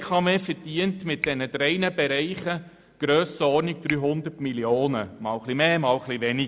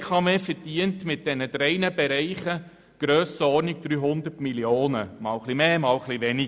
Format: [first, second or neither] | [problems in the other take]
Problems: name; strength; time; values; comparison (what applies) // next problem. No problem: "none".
second | background sound (Finger snapping); 16 dB below the speech